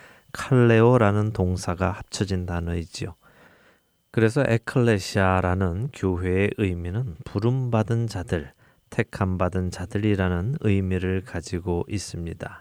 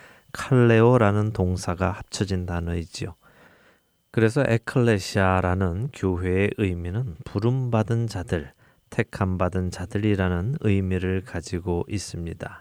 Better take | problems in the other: neither | none

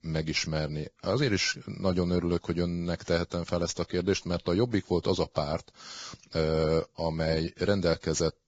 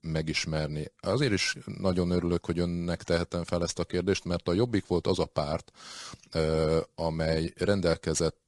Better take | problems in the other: second | garbled, watery; badly; nothing above 7.5 kHz; slightly in the second

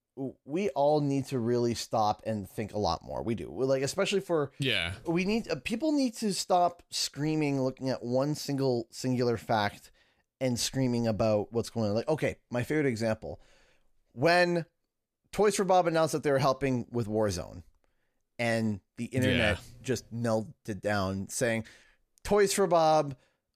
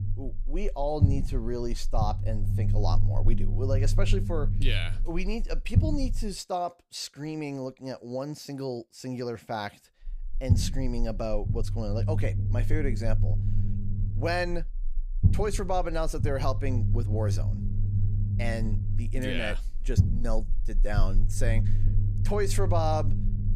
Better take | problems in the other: first | low rumble; loud; until 6.5 s and from 10 s on; 10 dB below the speech

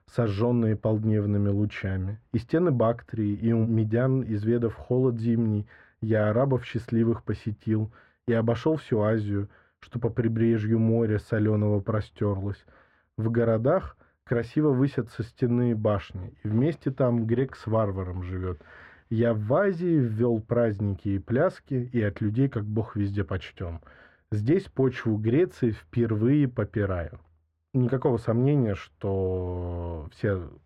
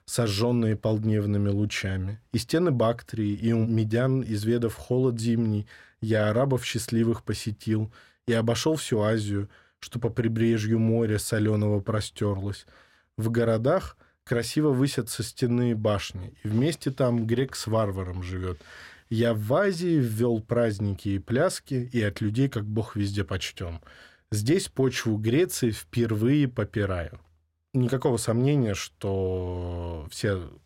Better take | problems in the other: second | muffled; very; fading above 3.5 kHz

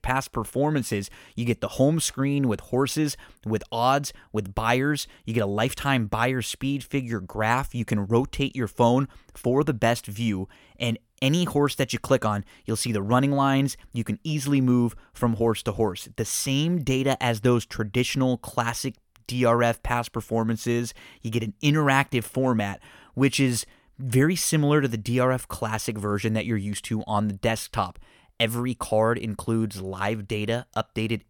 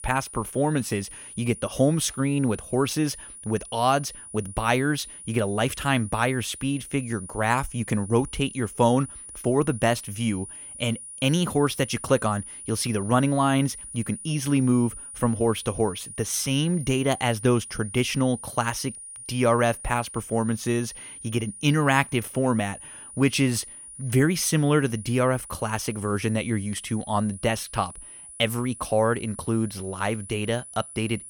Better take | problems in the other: first | high-pitched whine; noticeable; throughout; 9.5 kHz, 15 dB below the speech

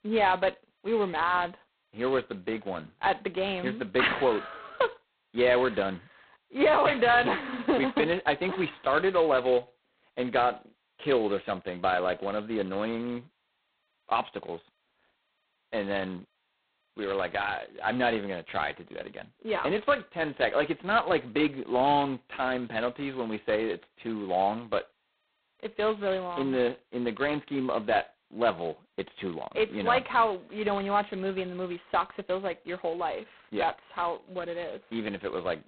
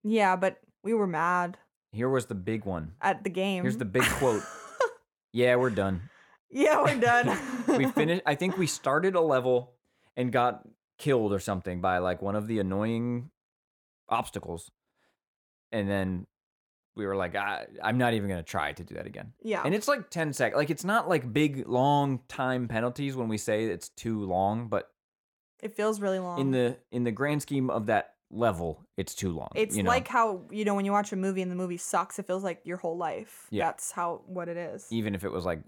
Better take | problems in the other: second | phone-call audio; poor line; nothing above 4 kHz

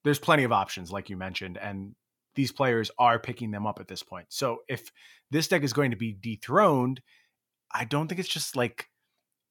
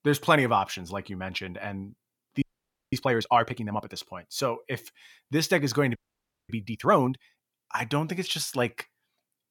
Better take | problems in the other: first | audio freezing; at 2.5 s for 0.5 s and at 6 s for 0.5 s

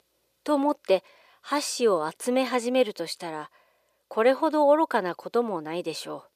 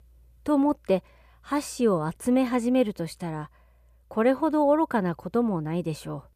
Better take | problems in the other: second | thin; somewhat; fading below 450 Hz

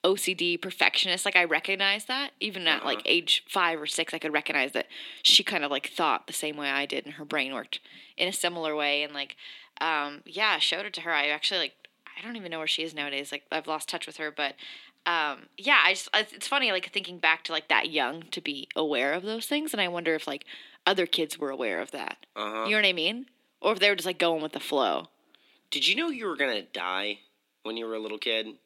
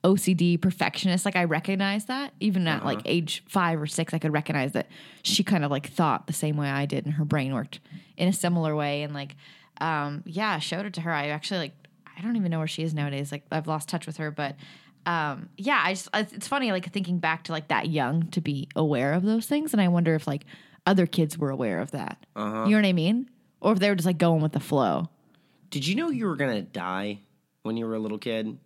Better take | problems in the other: second | thin; somewhat; fading below 350 Hz

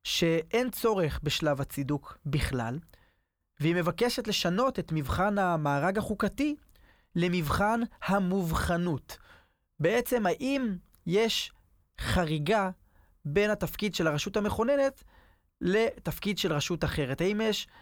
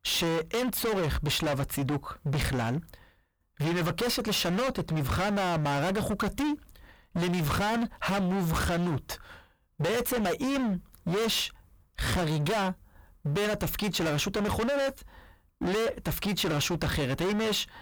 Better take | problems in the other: first | distortion; heavy; 35% of the sound clipped

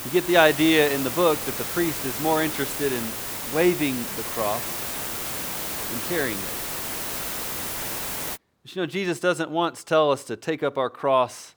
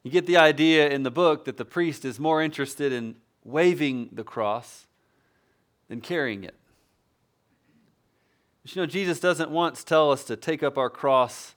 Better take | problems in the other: second | hiss; loud; until 8.5 s; 4 dB below the speech

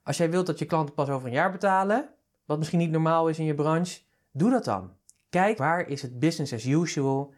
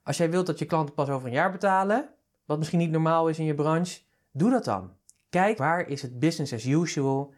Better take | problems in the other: neither | none

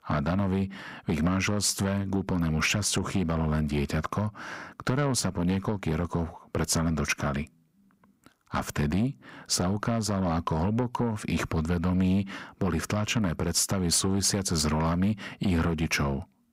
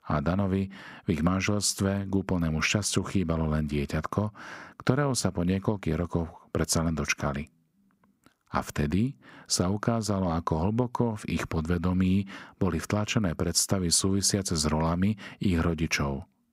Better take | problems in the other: second | distortion; slight; 10 dB below the speech

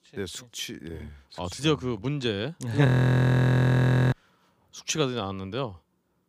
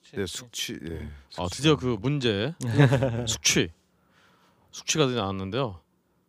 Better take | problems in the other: second | audio freezing; at 3 s for 1.5 s

